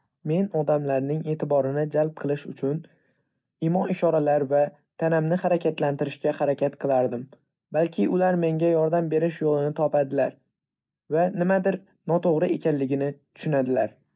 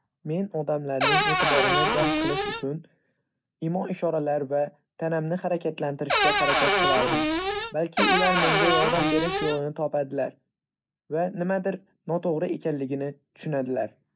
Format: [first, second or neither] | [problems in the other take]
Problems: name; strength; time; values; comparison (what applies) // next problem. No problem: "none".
first | background sound (Cupboard open or close / Door); 5 dB above the speech